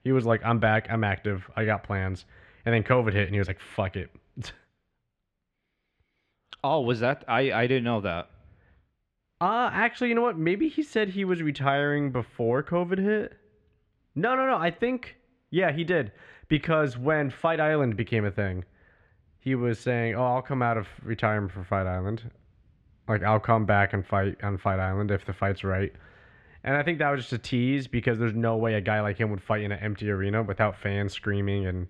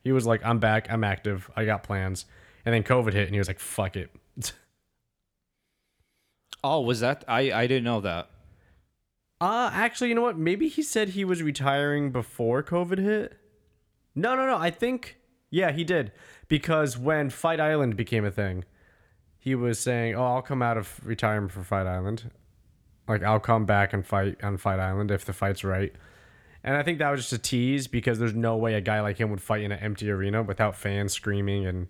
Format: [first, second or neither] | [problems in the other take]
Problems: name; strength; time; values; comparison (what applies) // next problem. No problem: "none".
second | muffled; slightly; fading above 2.5 kHz